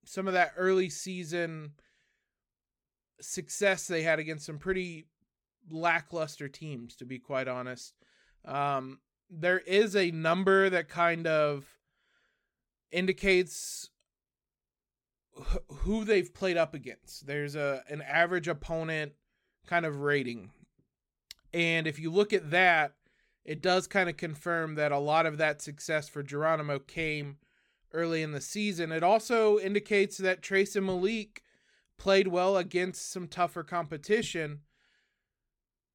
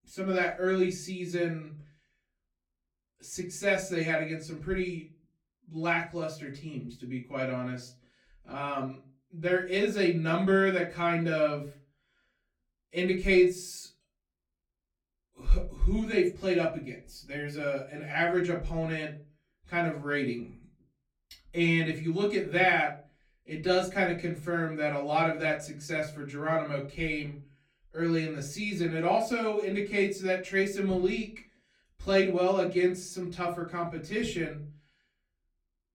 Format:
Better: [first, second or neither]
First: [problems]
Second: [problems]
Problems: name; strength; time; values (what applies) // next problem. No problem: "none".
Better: first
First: none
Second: off-mic speech; far // room echo; very slight; dies away in 0.3 s